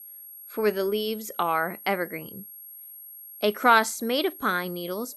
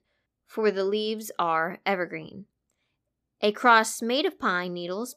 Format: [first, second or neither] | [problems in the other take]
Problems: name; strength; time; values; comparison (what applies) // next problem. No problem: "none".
second | high-pitched whine; noticeable; throughout; 11.5 kHz, 15 dB below the speech